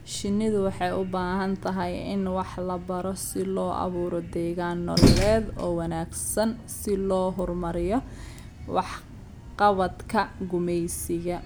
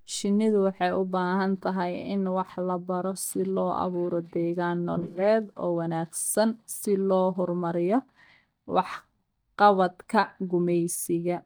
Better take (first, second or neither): first